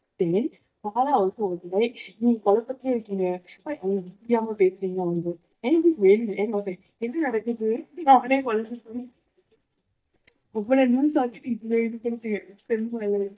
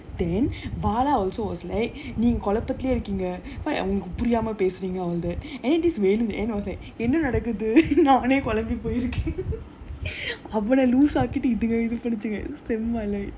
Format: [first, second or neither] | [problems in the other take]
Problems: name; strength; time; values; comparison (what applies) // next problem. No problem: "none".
second | noise reduction (neural mask model DeepFilterNet 3)